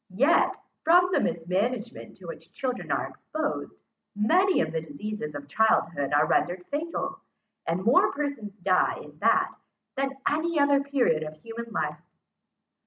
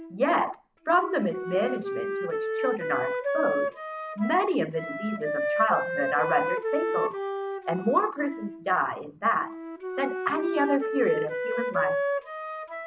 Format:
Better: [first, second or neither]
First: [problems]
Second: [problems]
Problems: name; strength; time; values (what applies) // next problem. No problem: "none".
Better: first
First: none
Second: background sound (Wind instrument, woodwind instrument); 3 dB below the speech